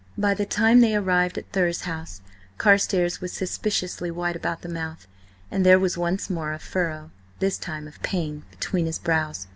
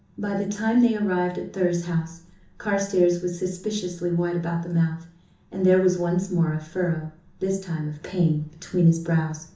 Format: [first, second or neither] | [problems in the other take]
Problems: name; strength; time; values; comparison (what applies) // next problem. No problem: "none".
first | room echo; dies away in 0.7 s